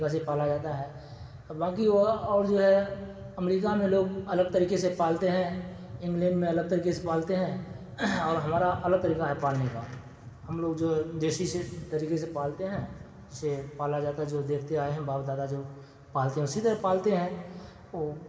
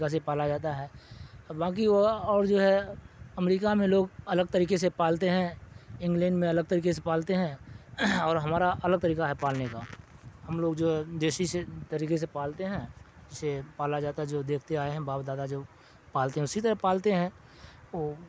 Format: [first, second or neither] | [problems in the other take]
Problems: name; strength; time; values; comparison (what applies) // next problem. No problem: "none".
second | room echo; dies away in 1.9 s